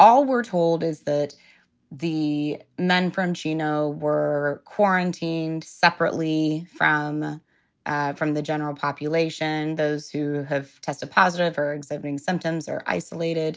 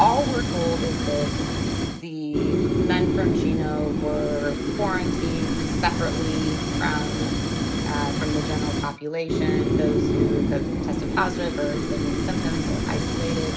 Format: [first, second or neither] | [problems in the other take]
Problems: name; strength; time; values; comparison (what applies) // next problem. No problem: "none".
first | background sound (Fire); 4 dB above the speech // room echo; dies away in 2.8 s